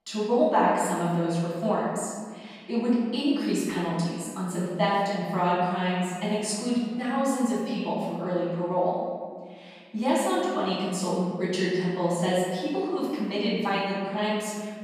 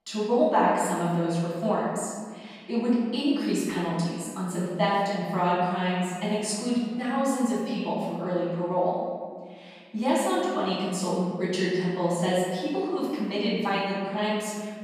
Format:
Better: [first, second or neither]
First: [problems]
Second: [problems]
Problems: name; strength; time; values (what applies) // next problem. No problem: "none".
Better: neither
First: off-mic speech; far // room echo; strong; dies away in 1.7 s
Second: off-mic speech; far // room echo; strong; dies away in 1.7 s